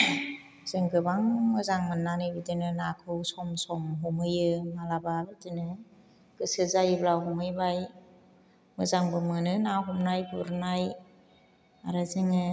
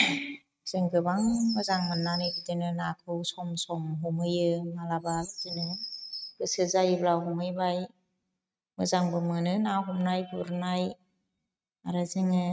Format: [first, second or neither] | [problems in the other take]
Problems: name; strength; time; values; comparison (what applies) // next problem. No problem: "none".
first | noise reduction (neural mask model RNNoise)